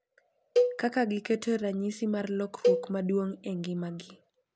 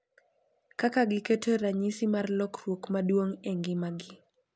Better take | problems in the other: second | background sound (Cowbell); 1 dB below the speech

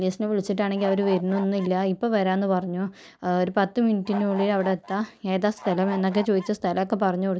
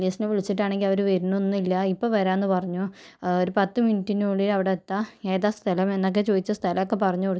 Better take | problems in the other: second | background sound (Bird / Fowl); 13 dB below the speech

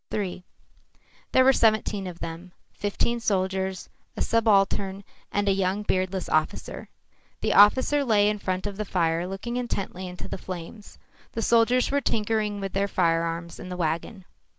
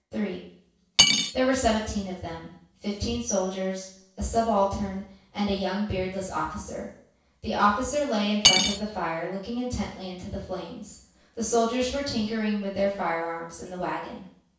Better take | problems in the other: first | background sound (Cutlery, silverware / Dishes, pots, and pans); 4 dB above the speech // room echo; dies away in 0.7 s

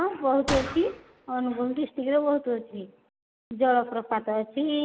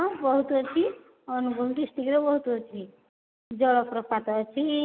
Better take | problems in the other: second | background sound (Gunshot, gunfire); 12 dB below the speech

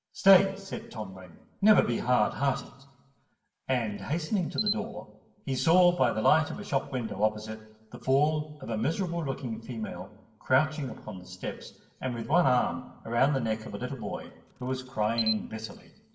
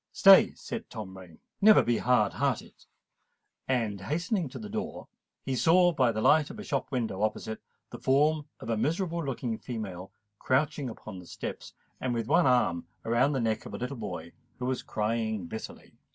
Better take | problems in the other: second | background sound (Camera); 10 dB below the speech // room echo; dies away in 0.8 s

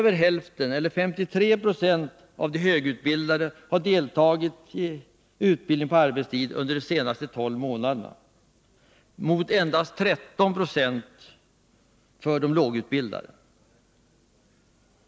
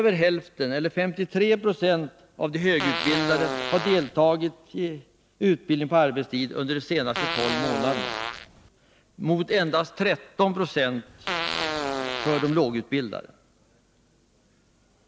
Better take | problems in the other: first | background sound (Fart); 4 dB below the speech

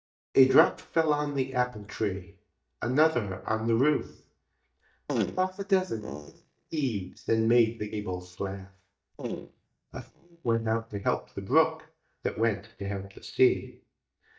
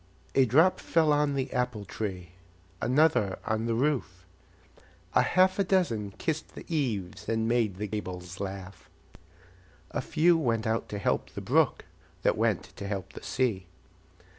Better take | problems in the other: second | noise reduction (neural mask model DeepFilterNet 3)

